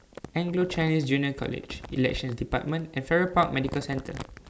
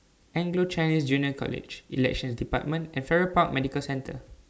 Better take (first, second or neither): second